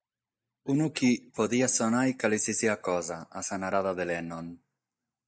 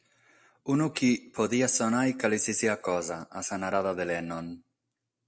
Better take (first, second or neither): second